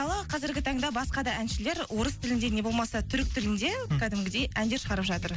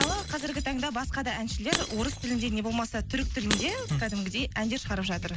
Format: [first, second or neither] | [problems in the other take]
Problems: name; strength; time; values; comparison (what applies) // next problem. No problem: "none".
first | background sound (Shatter / Crushing); 7 dB below the speech